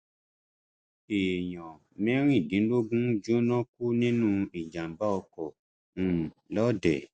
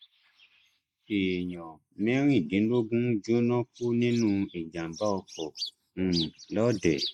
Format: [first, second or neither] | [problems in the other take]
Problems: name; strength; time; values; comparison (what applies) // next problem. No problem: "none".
first | noise reduction (neural mask model Resemble Enhance denoiser)